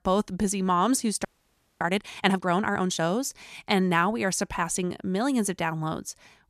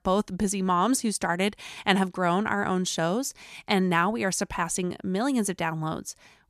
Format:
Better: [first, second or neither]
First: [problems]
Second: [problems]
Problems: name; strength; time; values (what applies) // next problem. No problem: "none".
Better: second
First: audio freezing; at 1.5 s for 0.5 s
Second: none